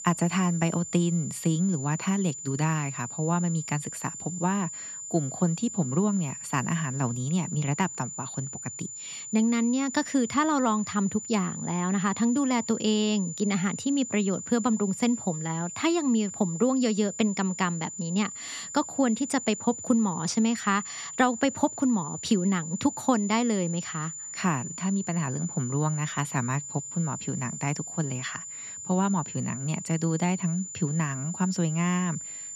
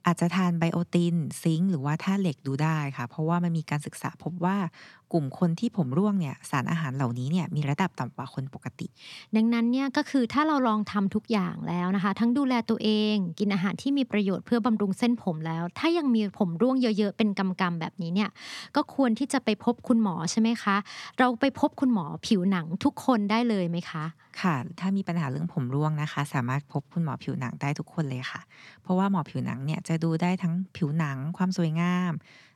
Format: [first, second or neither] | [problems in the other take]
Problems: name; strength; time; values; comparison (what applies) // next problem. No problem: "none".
second | high-pitched whine; loud; throughout; 7 kHz, 8 dB below the speech